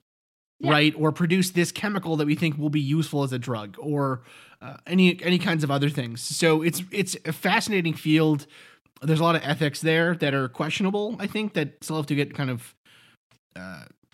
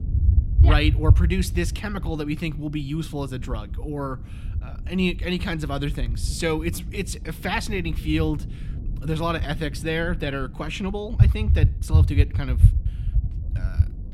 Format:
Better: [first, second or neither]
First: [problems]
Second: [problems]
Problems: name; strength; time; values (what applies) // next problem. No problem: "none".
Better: first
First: none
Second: low rumble; noticeable; throughout; 10 dB below the speech